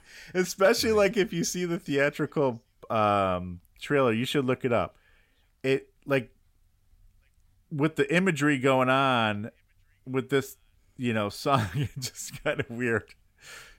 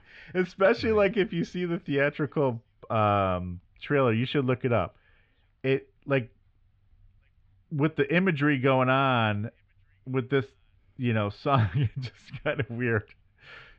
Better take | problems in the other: first | muffled; slightly; fading above 3.5 kHz

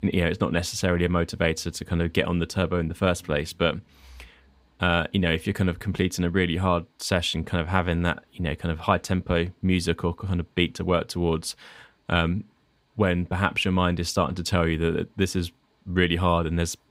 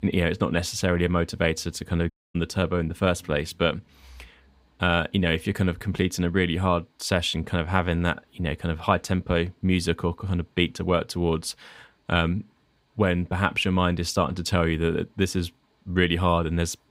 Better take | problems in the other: first | audio cutting out; at 2 s

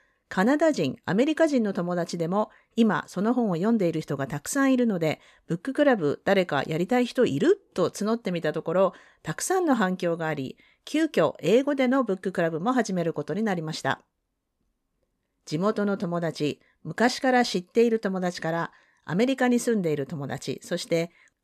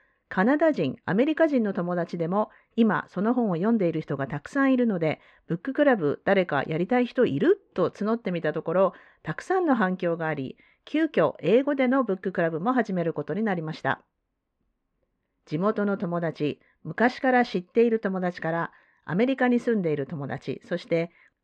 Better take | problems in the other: first | muffled; slightly; fading above 2.5 kHz

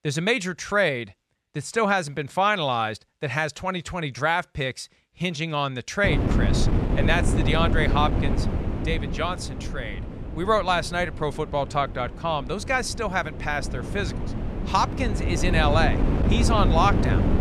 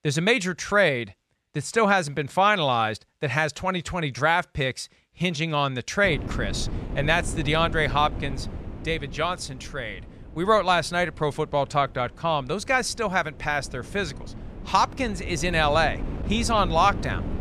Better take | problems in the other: second | wind noise on the microphone; heavy; from 6 s on; 8 dB below the speech; occasional gusts in the second

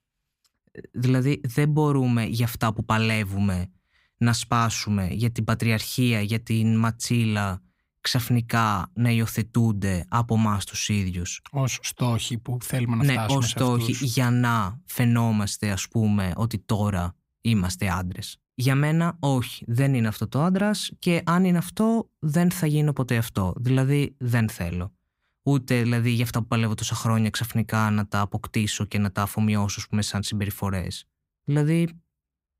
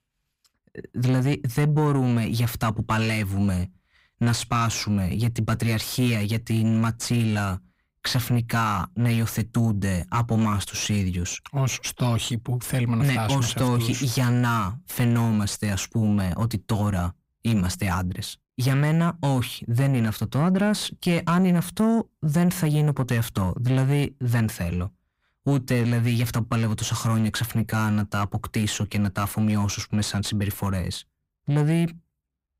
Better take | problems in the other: first | distortion; slight; 10 dB below the speech

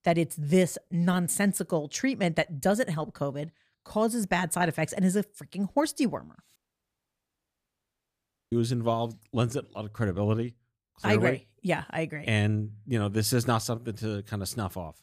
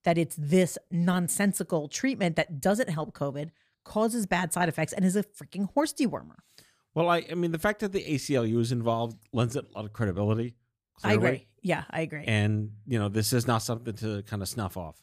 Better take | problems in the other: second | audio cutting out; at 6.5 s for 2 s

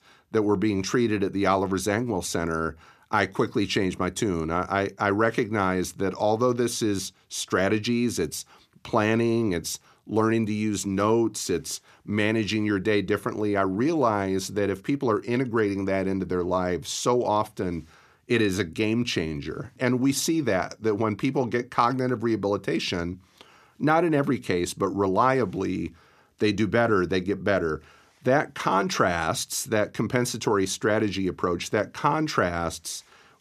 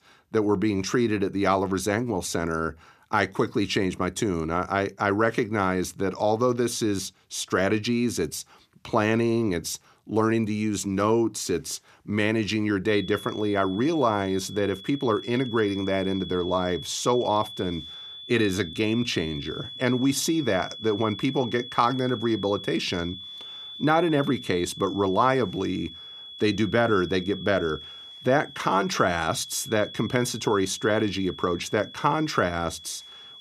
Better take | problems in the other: first | high-pitched whine; noticeable; from 13 s on; 3.5 kHz, 15 dB below the speech

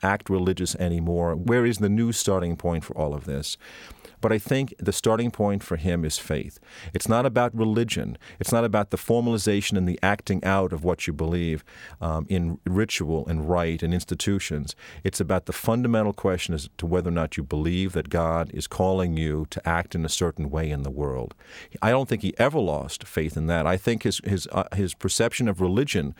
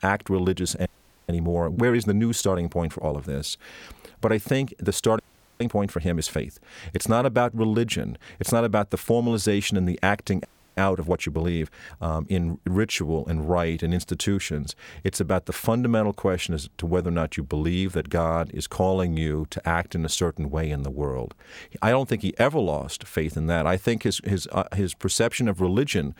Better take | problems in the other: first | audio freezing; at 1 s, at 5 s and at 10 s

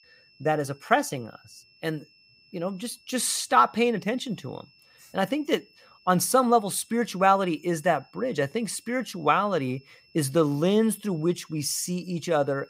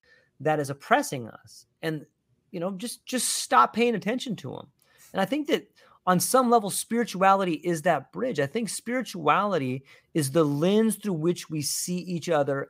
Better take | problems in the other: second | high-pitched whine; faint; throughout; 5.5 kHz, 30 dB below the speech

